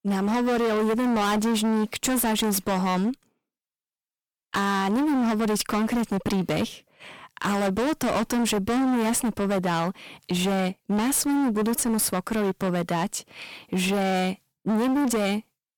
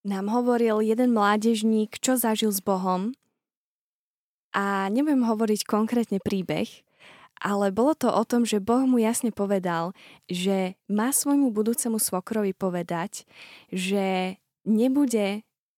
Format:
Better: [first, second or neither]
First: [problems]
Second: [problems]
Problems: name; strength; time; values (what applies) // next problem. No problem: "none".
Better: second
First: distortion; heavy; 30% of the sound clipped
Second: none